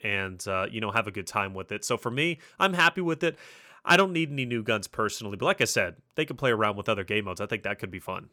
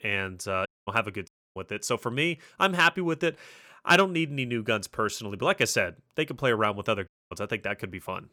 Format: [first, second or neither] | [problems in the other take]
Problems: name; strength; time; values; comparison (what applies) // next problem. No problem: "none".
first | audio cutting out; at 0.5 s, at 1.5 s and at 7 s